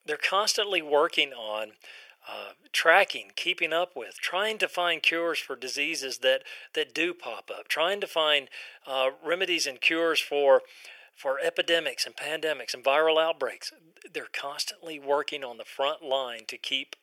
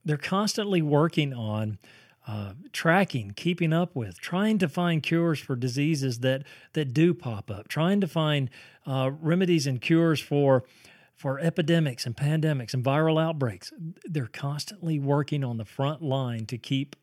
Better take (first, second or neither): second